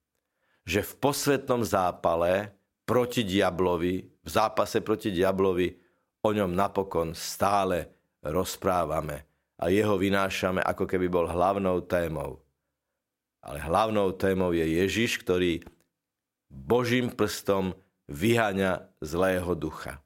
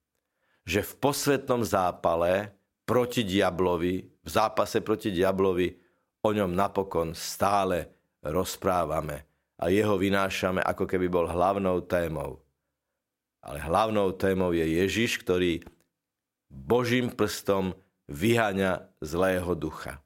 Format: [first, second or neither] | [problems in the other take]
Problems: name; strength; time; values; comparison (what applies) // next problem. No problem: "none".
neither | none